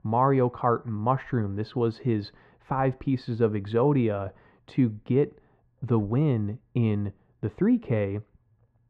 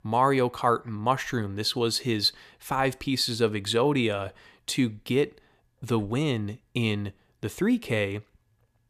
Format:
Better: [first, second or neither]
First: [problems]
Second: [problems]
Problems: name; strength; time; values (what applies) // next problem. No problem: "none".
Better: second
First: muffled; very; fading above 1 kHz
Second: none